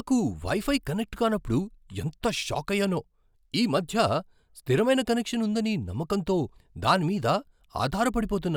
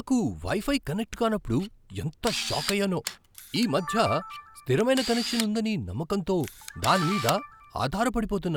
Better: first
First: none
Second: background sound (Camera + Camera); 11 dB below the speech

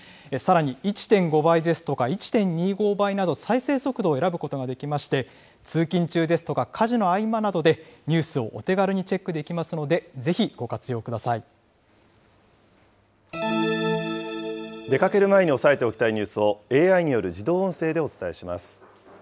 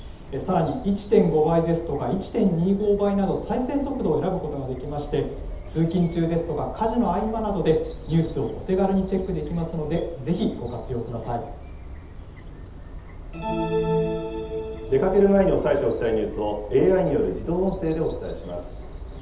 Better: first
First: none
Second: background sound (Bird vocalization, bird call, bird song); 12 dB below the speech // room echo; dies away in 0.8 s

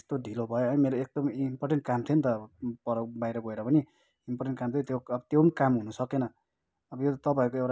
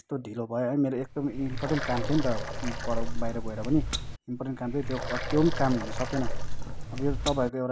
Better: first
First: none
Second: background sound (Water); as loud as the speech

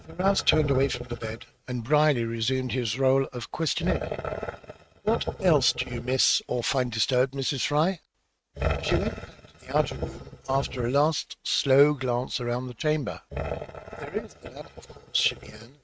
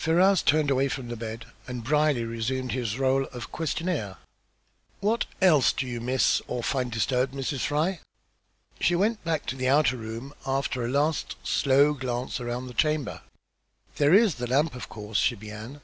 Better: second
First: noise reduction (neural mask model RNNoise)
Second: none

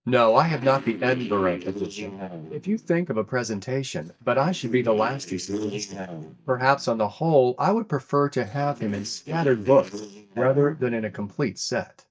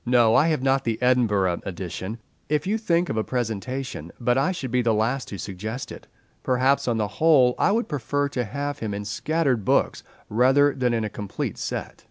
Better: second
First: noise reduction (neural mask model DeepFilterNet 3)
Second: none

